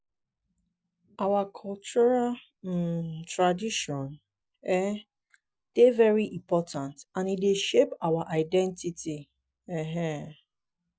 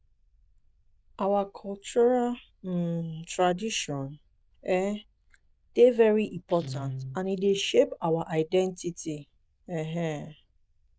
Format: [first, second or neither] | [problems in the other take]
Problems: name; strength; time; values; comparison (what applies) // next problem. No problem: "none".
first | noise reduction (neural diffusion model UNIVERSE++)